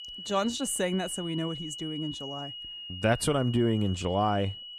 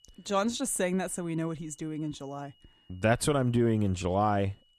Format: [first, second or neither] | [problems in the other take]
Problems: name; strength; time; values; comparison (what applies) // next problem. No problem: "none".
second | high-pitched whine; loud; throughout; 3 kHz, 10 dB below the speech; faint in the second